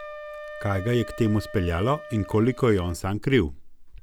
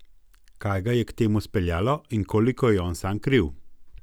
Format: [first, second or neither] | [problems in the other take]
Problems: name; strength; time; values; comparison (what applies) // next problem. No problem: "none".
second | background sound (Wind instrument, woodwind instrument); 16 dB below the speech